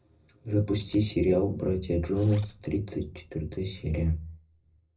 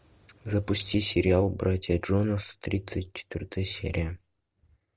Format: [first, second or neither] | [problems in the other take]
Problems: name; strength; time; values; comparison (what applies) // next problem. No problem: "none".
second | noise reduction (neural separator model SepFormer DNS4)